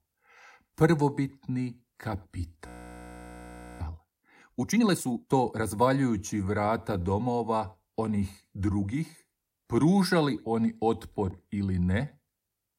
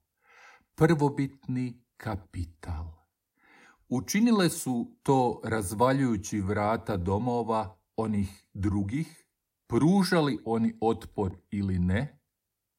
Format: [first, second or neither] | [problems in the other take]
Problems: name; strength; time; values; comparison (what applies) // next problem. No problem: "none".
second | audio freezing; at 2.5 s for 1 s